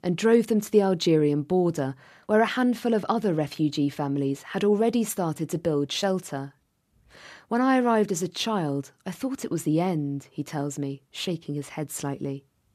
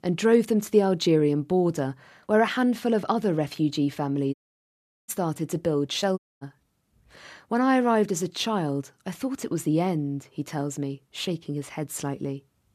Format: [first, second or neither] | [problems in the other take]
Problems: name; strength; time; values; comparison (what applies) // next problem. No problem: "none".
first | audio cutting out; at 4.5 s for 0.5 s and at 6 s